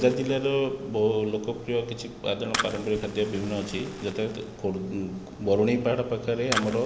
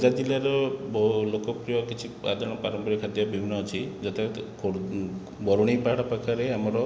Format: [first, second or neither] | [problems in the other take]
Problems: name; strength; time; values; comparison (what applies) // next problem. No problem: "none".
second | background sound (Fire); 12 dB below the speech